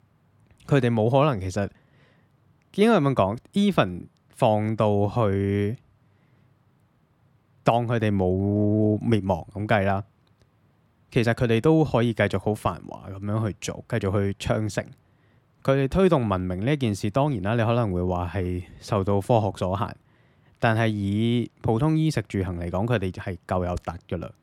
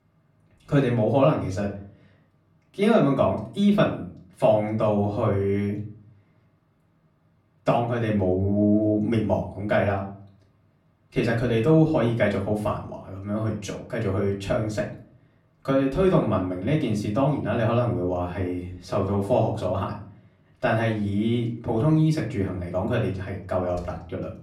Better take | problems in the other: first | off-mic speech; far // room echo; slight; dies away in 0.4 s

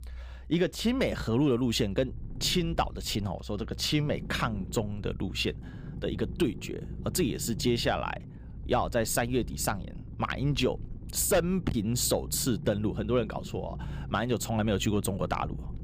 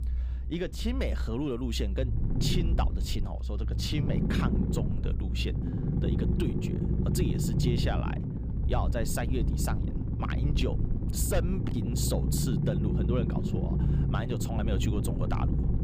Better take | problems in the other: first | low rumble; loud; throughout; 3 dB below the speech; faint in the first

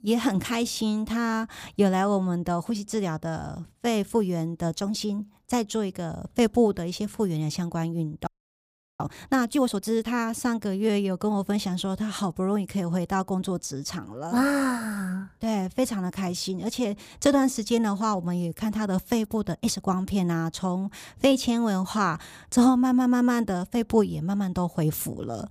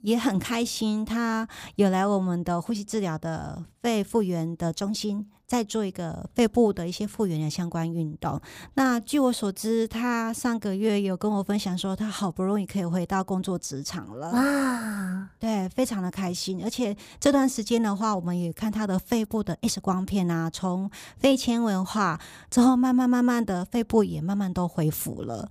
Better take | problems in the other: second | audio freezing; at 8.5 s for 0.5 s

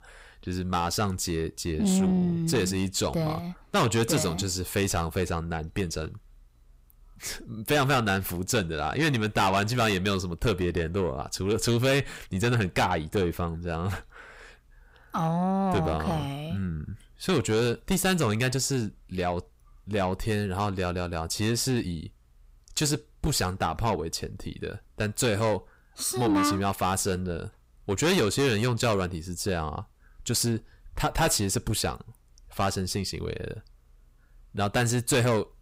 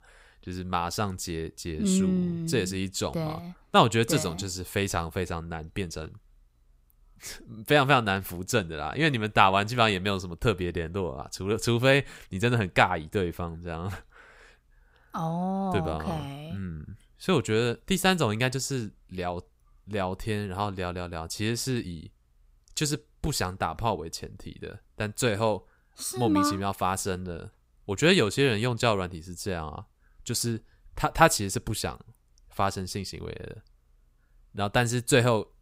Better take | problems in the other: second | distortion; heavy; 6 dB below the speech

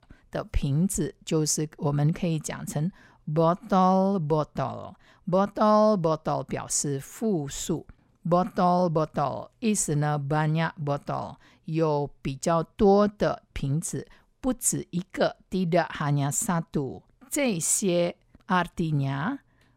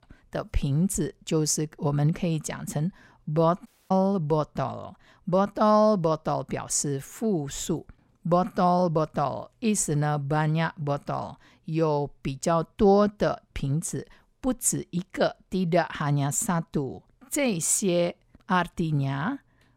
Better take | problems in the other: first | audio cutting out; at 3.5 s

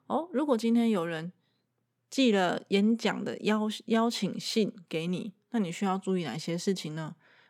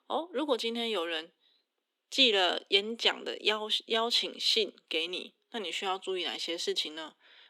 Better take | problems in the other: first | thin; somewhat; fading below 300 Hz

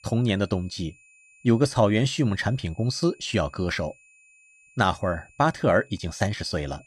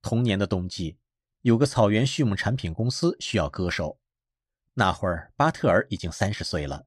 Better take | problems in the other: second | high-pitched whine; faint; throughout; 2.5 kHz, 30 dB below the speech

